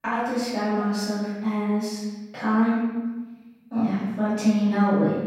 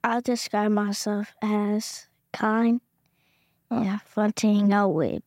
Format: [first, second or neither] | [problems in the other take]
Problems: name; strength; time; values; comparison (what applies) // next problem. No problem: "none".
second | room echo; strong; dies away in 1.2 s // off-mic speech; far